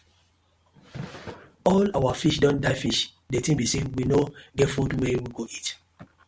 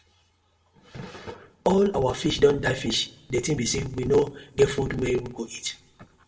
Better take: first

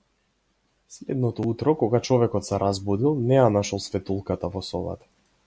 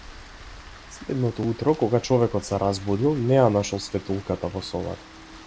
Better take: first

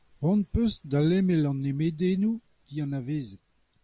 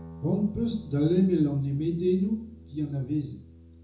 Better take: first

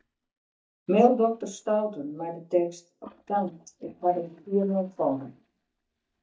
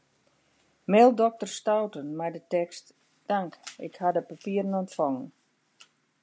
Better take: second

